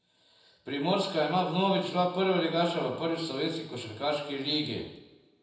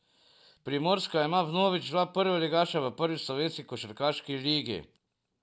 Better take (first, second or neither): second